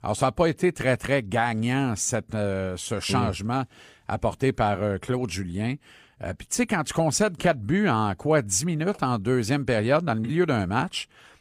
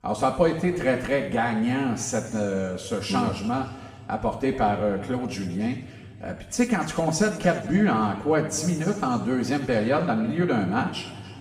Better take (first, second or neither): first